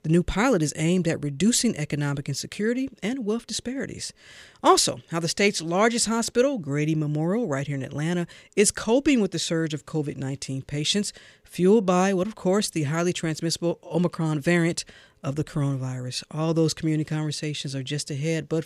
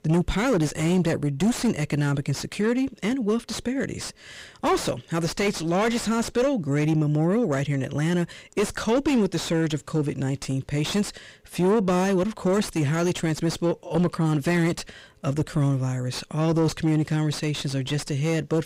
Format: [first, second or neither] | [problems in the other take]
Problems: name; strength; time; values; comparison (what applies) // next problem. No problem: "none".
first | distortion; heavy; 7 dB below the speech